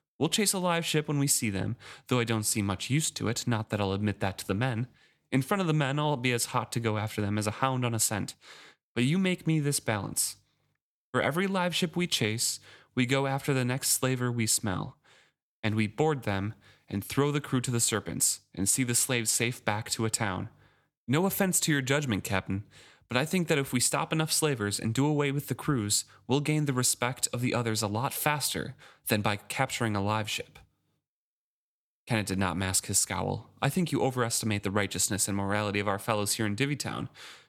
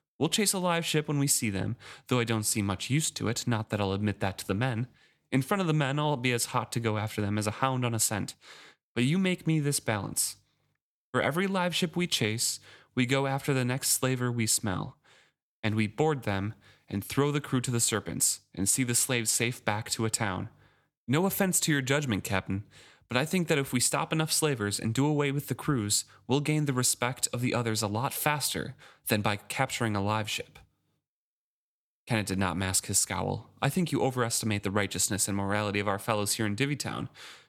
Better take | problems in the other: neither | none

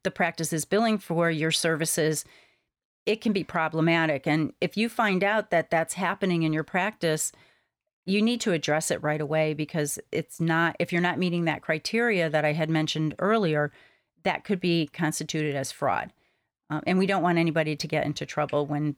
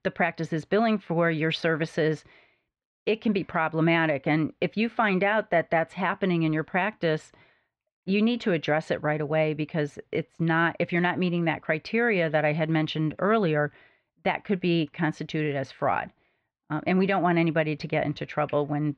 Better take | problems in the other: first | muffled; slightly; fading above 3 kHz

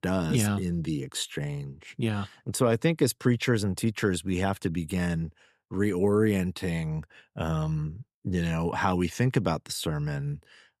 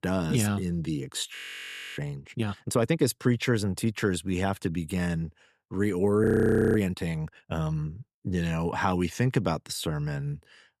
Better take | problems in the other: first | audio freezing; at 1.5 s for 0.5 s and at 6 s for 0.5 s

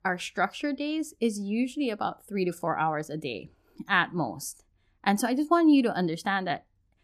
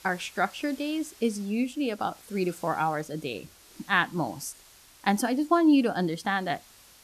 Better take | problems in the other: first | hiss; faint; throughout; 25 dB below the speech

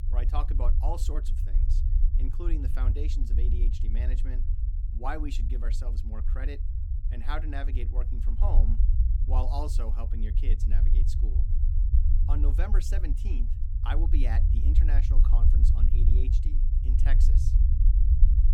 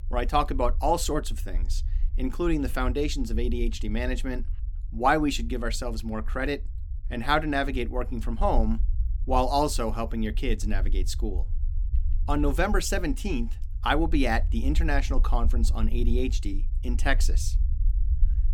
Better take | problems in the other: second | low rumble; loud; throughout; 6 dB below the speech; faint in the second

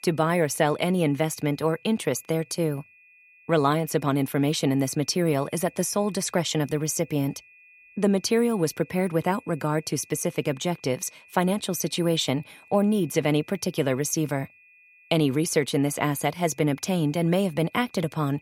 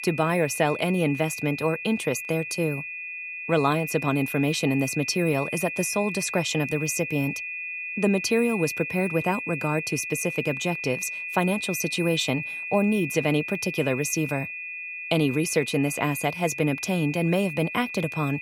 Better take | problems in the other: first | high-pitched whine; loud; throughout; 2.5 kHz, 6 dB below the speech; faint in the first

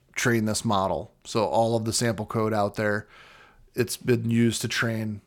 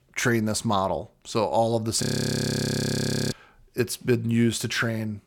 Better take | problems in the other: first | audio freezing; at 2 s for 1.5 s

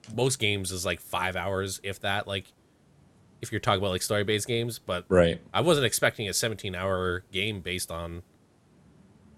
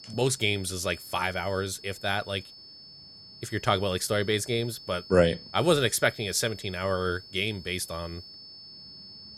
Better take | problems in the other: first | high-pitched whine; noticeable; throughout; 5 kHz, 15 dB below the speech

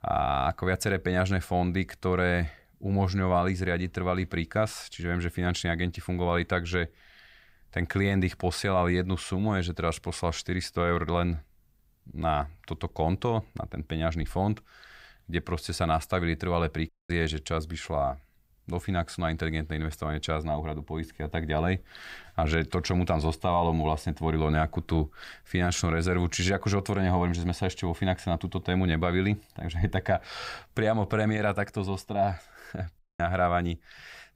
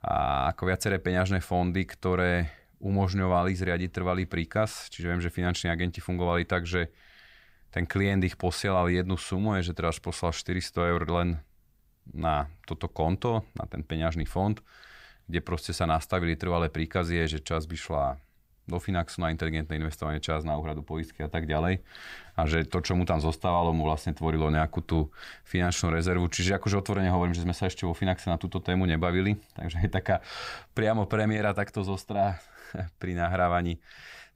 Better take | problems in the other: second | audio cutting out; at 17 s and at 33 s

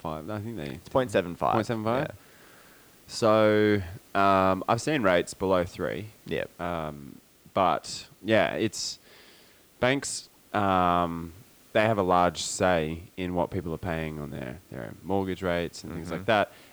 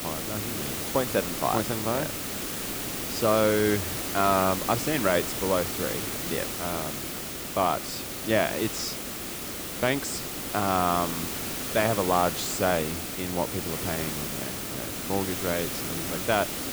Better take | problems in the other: first | hiss; loud; throughout; 3 dB below the speech; faint in the first

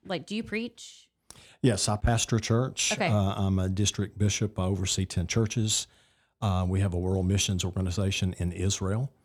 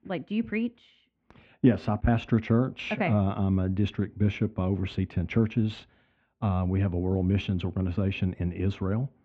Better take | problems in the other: first | muffled; very; fading above 2.5 kHz

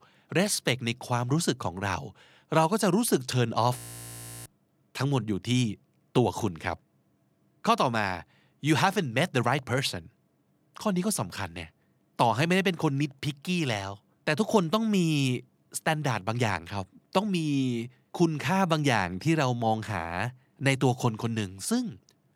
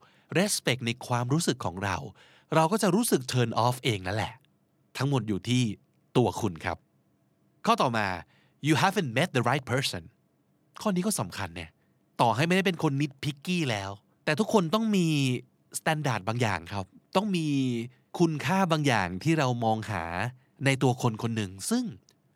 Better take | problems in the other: second | audio freezing; at 4 s for 0.5 s

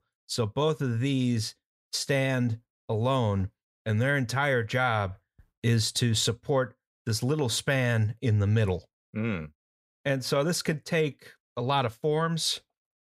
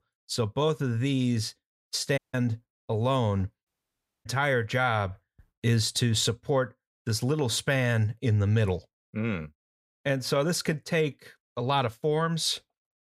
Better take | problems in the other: first | audio cutting out; at 2 s and at 3.5 s for 0.5 s

